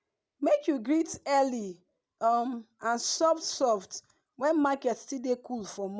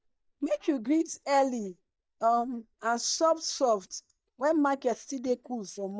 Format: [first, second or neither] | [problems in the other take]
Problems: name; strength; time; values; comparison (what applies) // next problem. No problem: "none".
first | noise reduction (neural mask model DeepFilterNet 3)